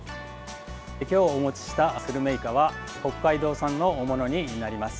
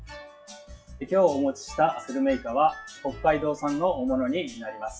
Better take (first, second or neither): first